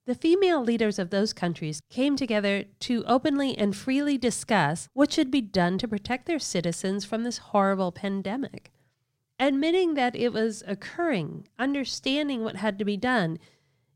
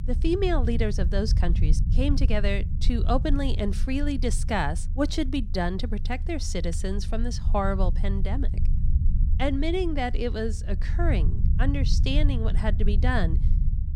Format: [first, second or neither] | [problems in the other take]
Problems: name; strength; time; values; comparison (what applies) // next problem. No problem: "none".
first | low rumble; noticeable; throughout; 15 dB below the speech